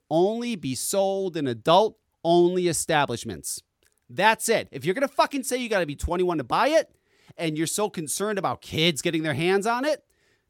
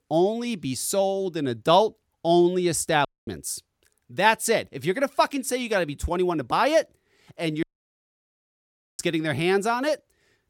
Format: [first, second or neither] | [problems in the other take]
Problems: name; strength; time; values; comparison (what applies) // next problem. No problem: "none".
first | audio cutting out; at 3 s and at 7.5 s for 1.5 s